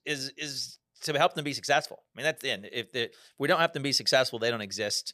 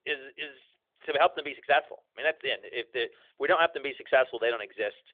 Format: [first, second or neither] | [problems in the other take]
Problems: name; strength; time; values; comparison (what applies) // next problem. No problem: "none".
first | phone-call audio; nothing above 3.5 kHz